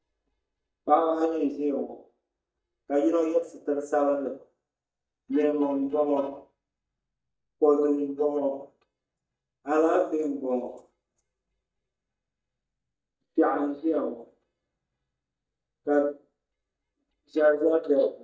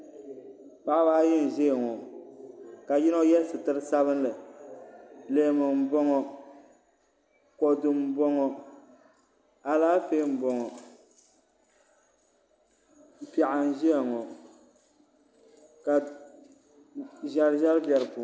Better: second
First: noise reduction (neural mask model DeepFilterNet 3)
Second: none

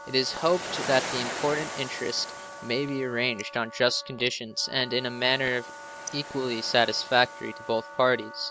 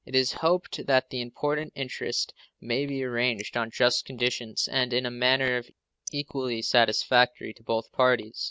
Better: second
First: background sound (Waves, surf + Wind instrument, woodwind instrument); 11 dB below the speech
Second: none

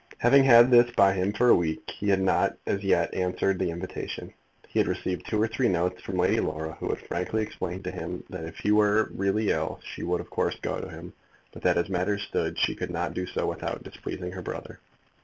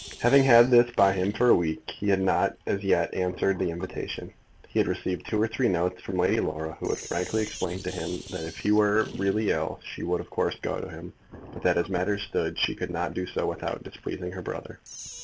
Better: first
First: none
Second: background sound (Sink (filling or washing)); 20 dB below the speech

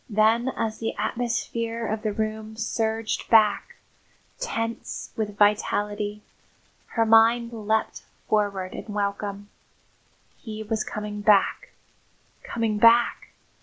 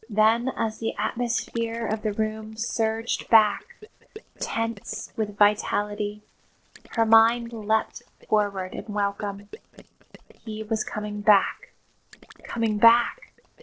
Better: first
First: none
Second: noise reduction (neural separator model SepFormer DNS4)

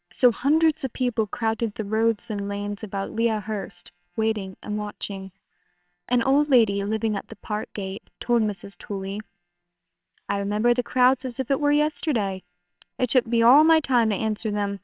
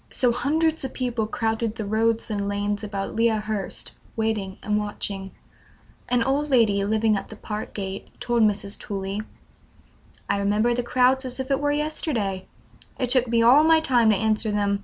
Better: second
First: noise reduction (neural separator model SepFormer WHAMR!)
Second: none

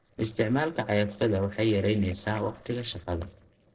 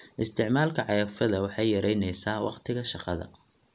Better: second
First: noise reduction (neural separator model SepFormer DNS4)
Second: none

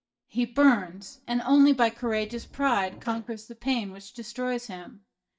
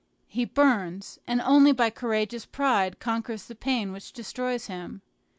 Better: second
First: noise reduction (neural mask model DeepFilterNet 3)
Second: none

